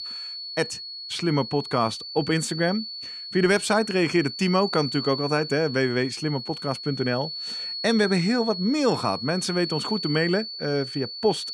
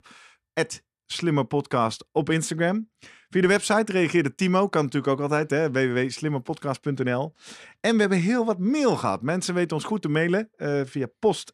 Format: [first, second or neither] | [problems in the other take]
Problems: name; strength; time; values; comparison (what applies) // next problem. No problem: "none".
second | high-pitched whine; loud; throughout; 4.5 kHz, 7 dB below the speech